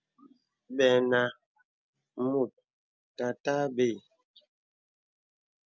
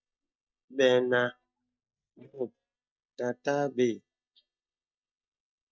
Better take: first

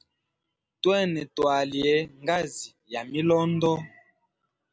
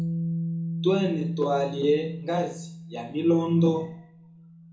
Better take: first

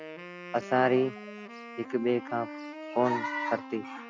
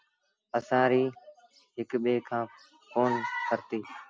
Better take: second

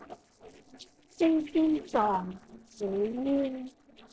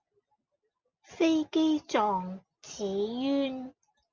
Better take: second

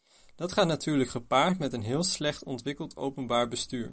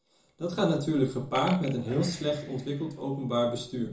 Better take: first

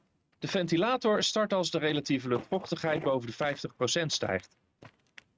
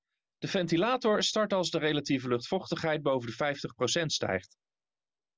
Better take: second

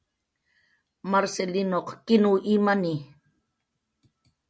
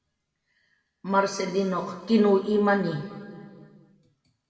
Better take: first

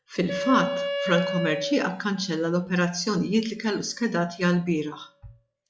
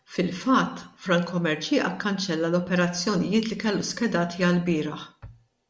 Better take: second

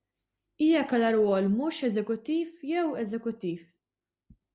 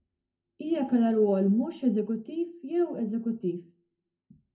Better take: first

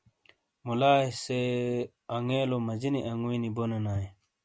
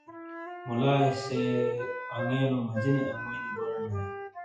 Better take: first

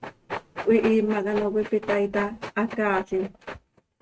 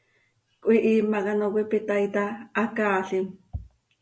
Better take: second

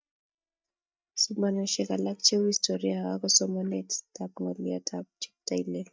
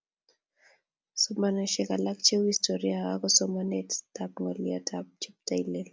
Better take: second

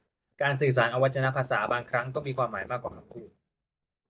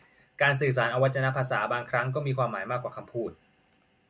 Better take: second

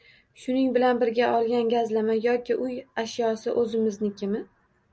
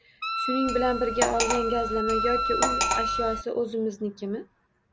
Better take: first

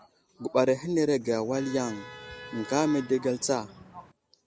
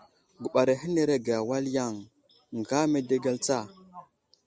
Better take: second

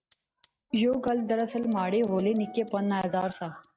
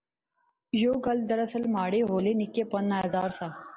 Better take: second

